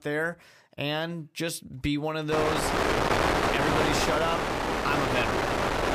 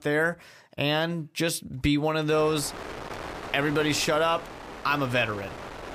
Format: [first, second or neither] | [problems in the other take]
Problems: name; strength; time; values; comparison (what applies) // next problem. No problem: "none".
second | wind noise on the microphone; heavy; from 2.5 s on; 5 dB above the speech; occasional gusts in the second